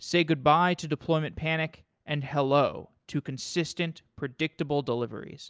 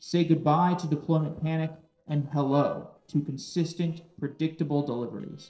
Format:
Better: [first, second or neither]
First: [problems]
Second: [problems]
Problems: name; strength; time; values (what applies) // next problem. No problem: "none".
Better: first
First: none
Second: noise reduction (neural separator model SepFormer DNS4)